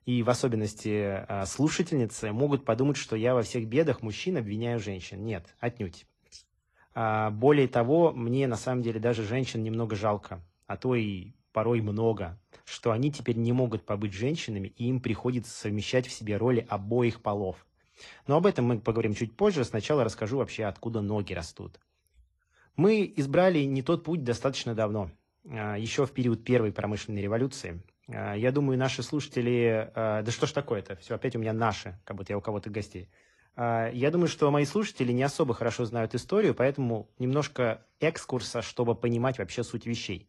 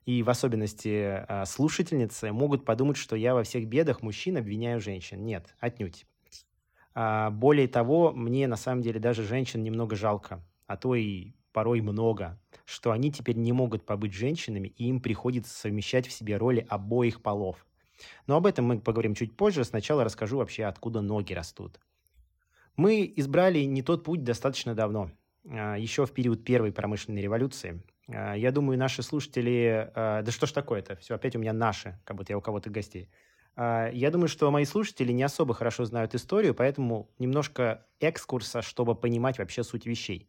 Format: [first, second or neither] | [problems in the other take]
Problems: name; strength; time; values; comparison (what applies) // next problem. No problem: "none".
second | garbled, watery; slightly